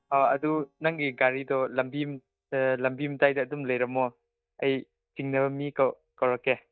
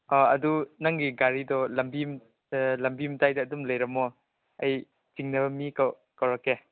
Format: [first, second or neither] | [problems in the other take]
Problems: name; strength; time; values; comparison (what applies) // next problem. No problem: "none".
second | noise reduction (neural mask model DeepFilterNet 3)